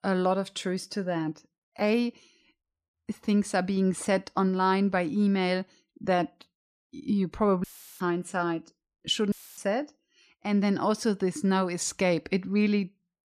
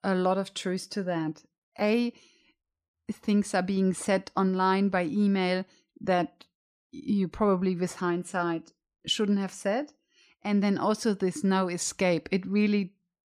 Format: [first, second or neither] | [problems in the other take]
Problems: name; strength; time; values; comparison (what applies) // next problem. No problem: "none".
second | audio cutting out; filled with static; at 7.5 s and at 9.5 s